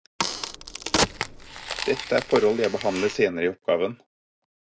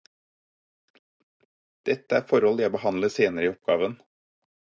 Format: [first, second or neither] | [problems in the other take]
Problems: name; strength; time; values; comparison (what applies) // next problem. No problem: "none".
second | background sound (Crack); 4 dB below the speech